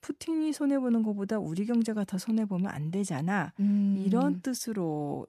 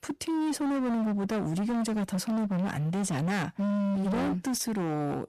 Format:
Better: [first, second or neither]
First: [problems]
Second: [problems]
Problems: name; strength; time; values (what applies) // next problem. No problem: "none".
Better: first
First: none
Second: distortion; heavy; 43% of the sound clipped